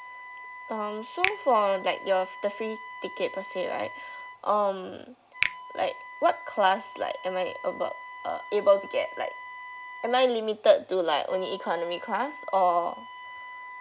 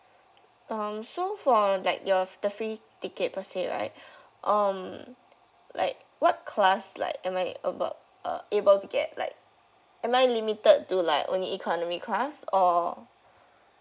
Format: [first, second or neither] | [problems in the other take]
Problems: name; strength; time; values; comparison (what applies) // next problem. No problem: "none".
second | background sound (Finger snapping + Wind instrument, woodwind instrument); 11 dB below the speech